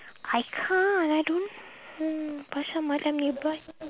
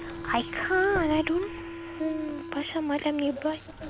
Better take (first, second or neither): first